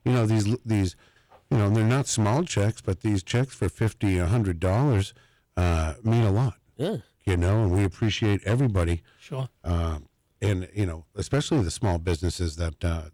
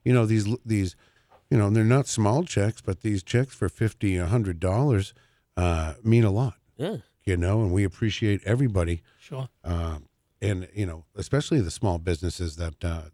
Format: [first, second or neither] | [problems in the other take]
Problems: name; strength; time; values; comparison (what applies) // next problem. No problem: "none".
second | distortion; slight; 10% of the sound clipped